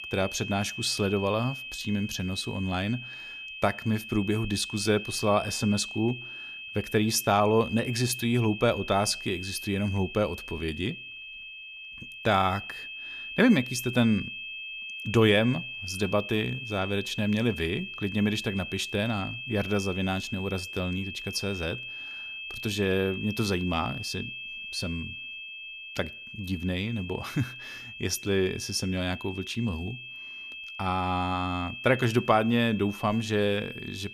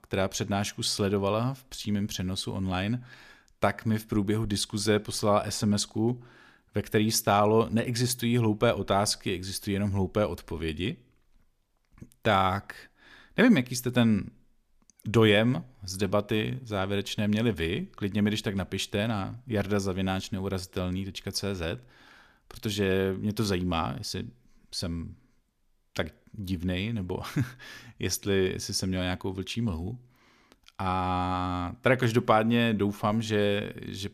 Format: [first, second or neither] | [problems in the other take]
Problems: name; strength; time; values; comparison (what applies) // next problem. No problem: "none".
second | high-pitched whine; loud; throughout; 2.5 kHz, 9 dB below the speech